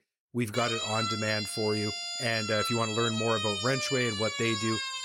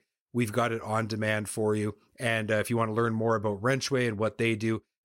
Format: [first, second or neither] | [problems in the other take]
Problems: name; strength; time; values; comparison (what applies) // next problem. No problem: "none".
second | siren; loud; from 0.5 s on; peak level with the speech